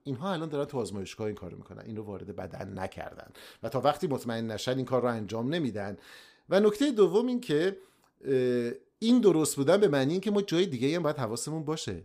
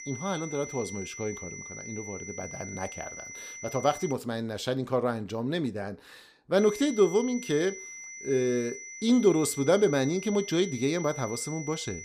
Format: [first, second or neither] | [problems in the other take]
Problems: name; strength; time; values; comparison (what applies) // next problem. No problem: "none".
first | high-pitched whine; noticeable; until 4 s and from 6.5 s on; 2 kHz, 10 dB below the speech